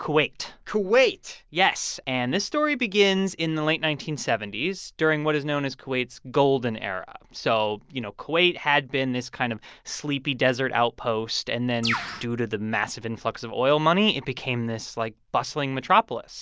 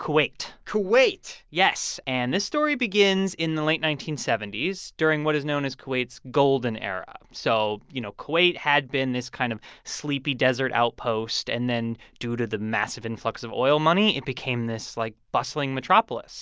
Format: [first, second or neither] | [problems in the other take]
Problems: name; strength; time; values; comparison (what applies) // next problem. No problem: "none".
second | background sound (Bird); 3 dB below the speech